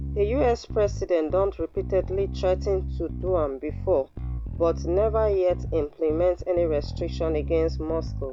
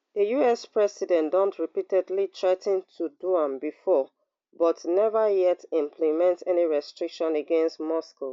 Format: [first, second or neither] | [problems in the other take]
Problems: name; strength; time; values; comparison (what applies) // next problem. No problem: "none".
second | background sound (Bass guitar); 6 dB below the speech